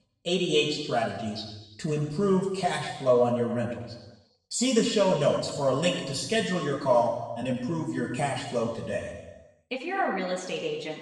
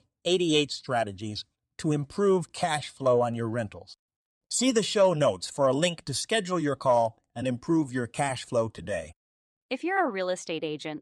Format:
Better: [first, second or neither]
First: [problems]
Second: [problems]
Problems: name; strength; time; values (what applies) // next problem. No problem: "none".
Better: second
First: room echo; noticeable; dies away in 1.1 s // off-mic speech; far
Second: none